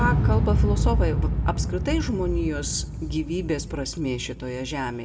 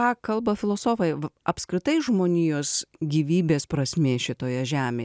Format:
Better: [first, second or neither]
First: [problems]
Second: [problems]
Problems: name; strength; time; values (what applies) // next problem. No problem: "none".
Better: second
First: background sound (Explosion); 3 dB above the speech // room echo; dies away in 0.8 s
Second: none